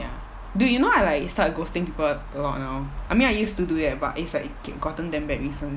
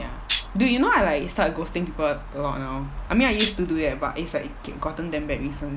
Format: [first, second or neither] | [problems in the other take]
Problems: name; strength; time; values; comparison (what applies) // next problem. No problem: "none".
first | background sound (Tambourine); 4 dB below the speech